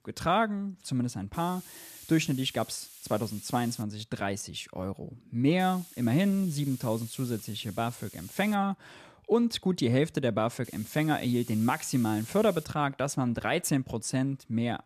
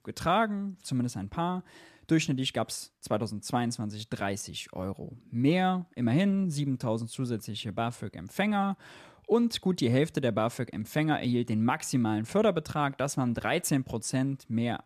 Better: second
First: hiss; noticeable; from 1.5 to 4 s, from 5.5 to 8.5 s and from 11 to 13 s; 15 dB below the speech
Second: none

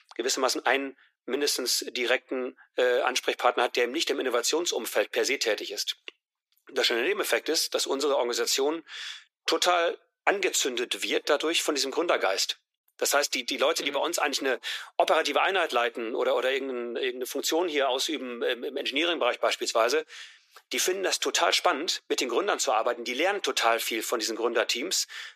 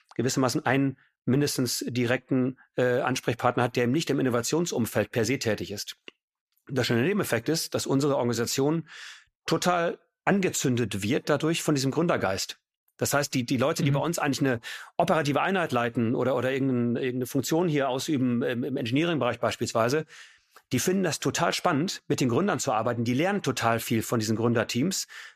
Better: second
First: thin; very; fading below 350 Hz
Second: none

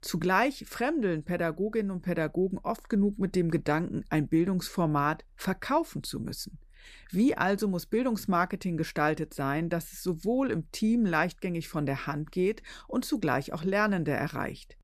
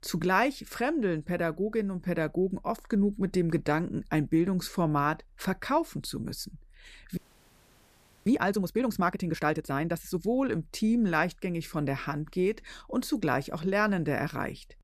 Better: first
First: none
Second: audio freezing; at 7 s for 1 s

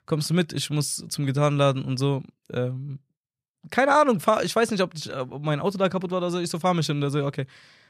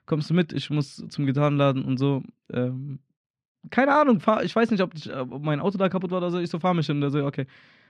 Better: first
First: none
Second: muffled; slightly; fading above 3 kHz

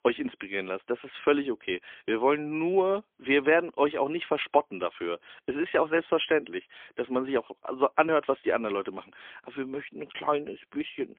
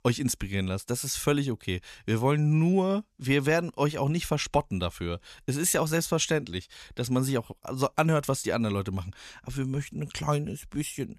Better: second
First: phone-call audio; poor line; nothing above 3.5 kHz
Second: none

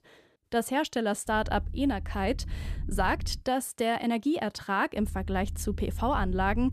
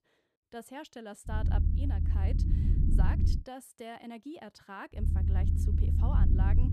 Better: first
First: low rumble; faint; from 1.5 to 3.5 s and from 5 s on; 25 dB below the speech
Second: low rumble; loud; from 1.5 to 3.5 s and from 5 s on; 1 dB below the speech

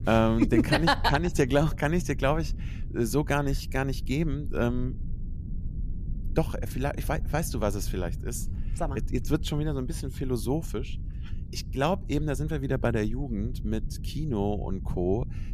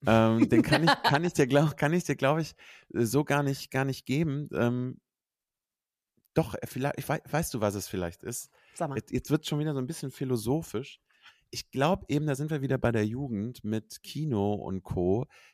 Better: second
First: low rumble; faint; throughout; 20 dB below the speech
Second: none

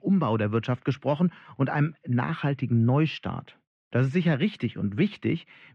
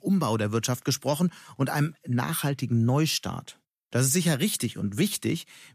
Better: second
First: muffled; very; fading above 2.5 kHz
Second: none

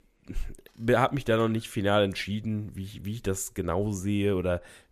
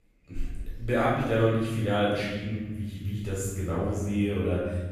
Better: first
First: none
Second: off-mic speech; far // room echo; strong; dies away in 1.4 s

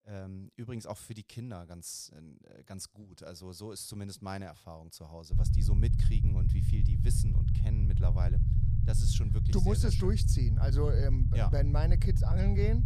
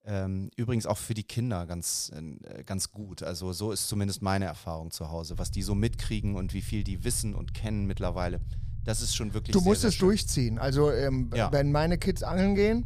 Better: second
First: low rumble; loud; from 5.5 s on; 2 dB below the speech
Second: low rumble; faint; from 5.5 s on; 20 dB below the speech

